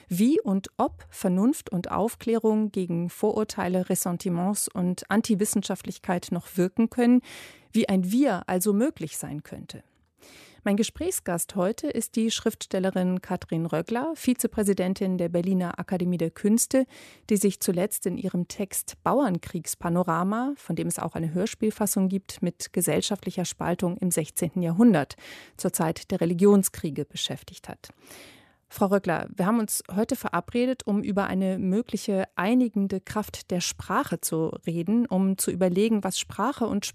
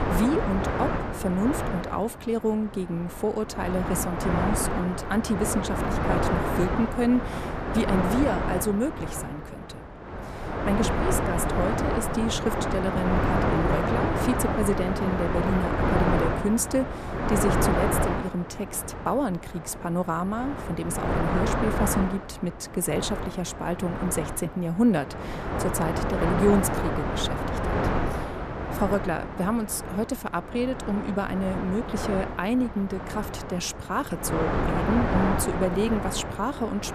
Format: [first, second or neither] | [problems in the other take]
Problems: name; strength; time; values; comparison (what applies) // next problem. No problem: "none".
first | wind noise on the microphone; heavy; 1 dB above the speech